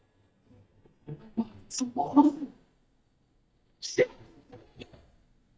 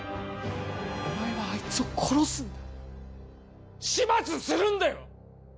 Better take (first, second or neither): second